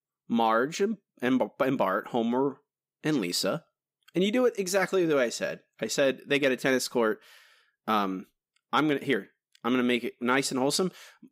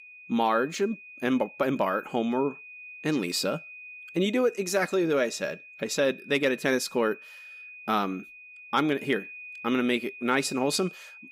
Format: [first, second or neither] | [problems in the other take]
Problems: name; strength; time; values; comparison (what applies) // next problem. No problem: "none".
first | high-pitched whine; noticeable; throughout; 2.5 kHz, 15 dB below the speech